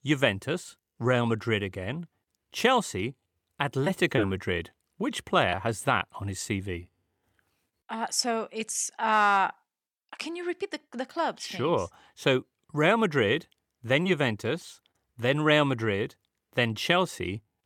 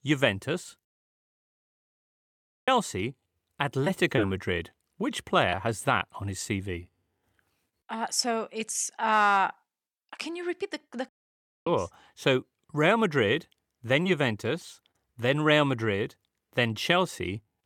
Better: first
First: none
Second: audio cutting out; at 1 s for 2 s and at 11 s for 0.5 s

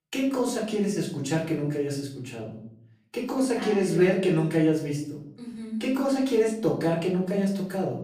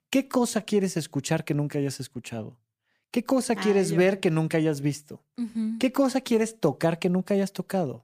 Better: second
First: off-mic speech; far // room echo; slight; dies away in 0.6 s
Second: none

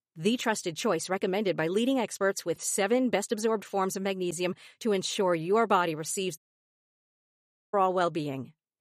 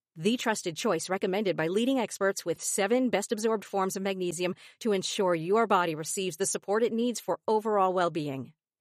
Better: second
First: audio cutting out; at 6.5 s for 1.5 s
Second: none

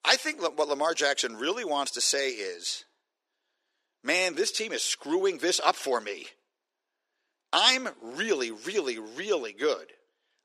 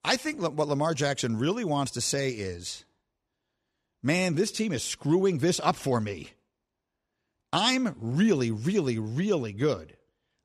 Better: second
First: thin; very; fading below 350 Hz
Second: none

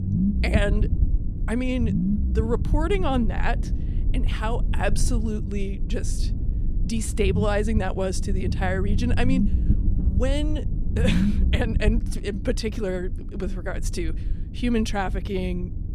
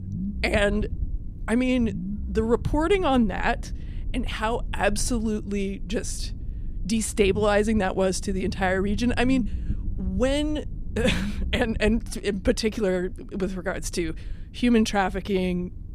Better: second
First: low rumble; loud; throughout; 9 dB below the speech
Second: low rumble; faint; throughout; 20 dB below the speech

